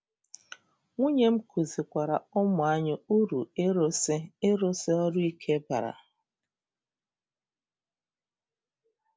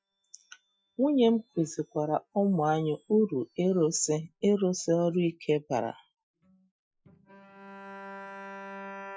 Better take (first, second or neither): first